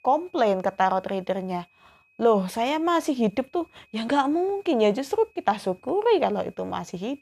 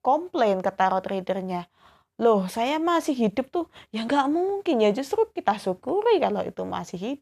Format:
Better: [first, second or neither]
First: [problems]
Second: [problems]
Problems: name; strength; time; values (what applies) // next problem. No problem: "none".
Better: second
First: high-pitched whine; faint; throughout; 2.5 kHz, 35 dB below the speech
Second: none